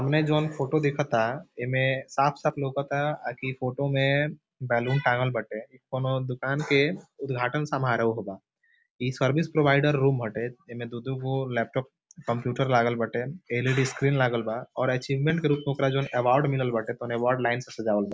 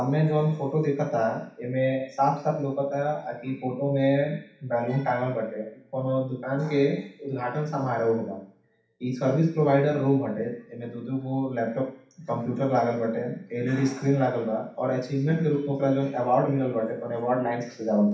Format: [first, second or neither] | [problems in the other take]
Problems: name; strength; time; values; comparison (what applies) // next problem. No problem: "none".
first | room echo; dies away in 0.7 s